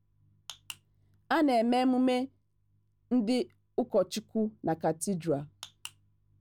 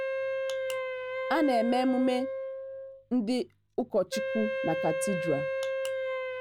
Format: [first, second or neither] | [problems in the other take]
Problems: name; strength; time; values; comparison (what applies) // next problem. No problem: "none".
first | background sound (Wind instrument, woodwind instrument); 2 dB below the speech